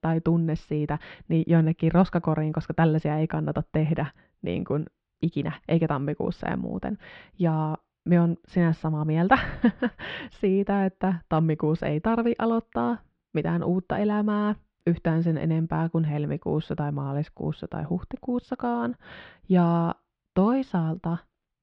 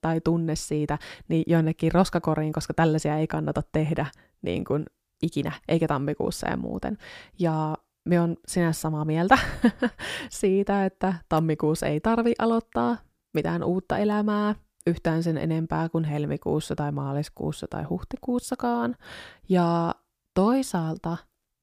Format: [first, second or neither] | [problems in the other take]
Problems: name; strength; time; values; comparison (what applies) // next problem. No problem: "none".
second | muffled; slightly; fading above 3.5 kHz